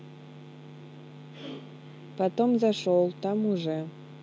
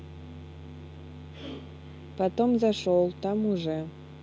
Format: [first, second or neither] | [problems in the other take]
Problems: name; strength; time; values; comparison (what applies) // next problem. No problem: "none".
first | background sound (Piano); 19 dB below the speech